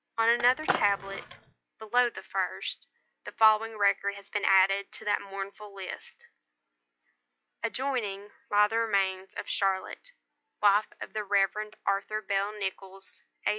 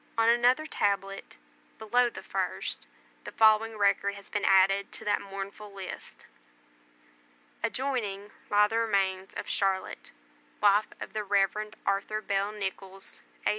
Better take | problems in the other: second | noise reduction (classical method log-MMSE)

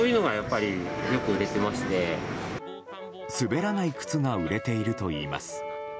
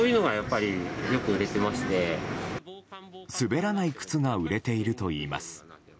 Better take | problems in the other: second | background sound (Brass instrument); 11 dB below the speech

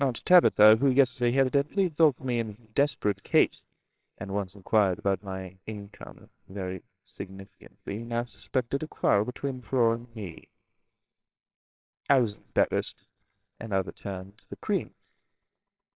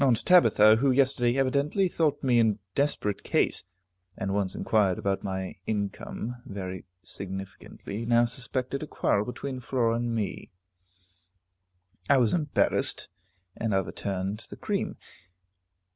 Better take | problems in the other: second | noise reduction (neural separator model SepFormer WHAMR!)

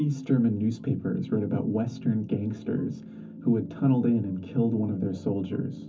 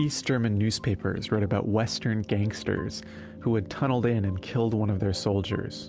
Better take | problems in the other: second | room echo; dies away in 0.3 s

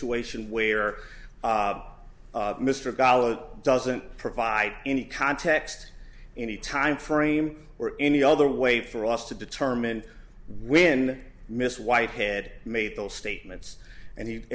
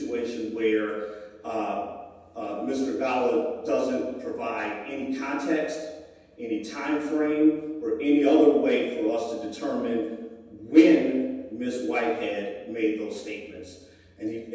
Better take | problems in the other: first | room echo; dies away in 1.1 s

